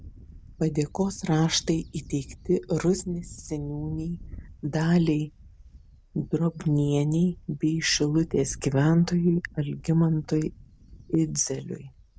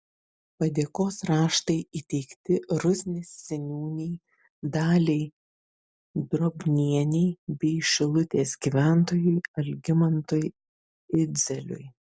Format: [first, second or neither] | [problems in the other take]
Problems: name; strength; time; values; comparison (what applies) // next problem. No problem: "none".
second | background sound (Wind / Bird); 19 dB below the speech